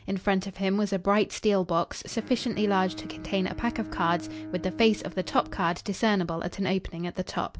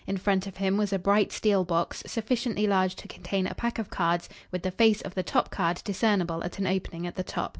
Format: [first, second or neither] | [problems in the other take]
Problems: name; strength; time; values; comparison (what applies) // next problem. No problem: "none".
second | background sound (Bowed string instrument); 16 dB below the speech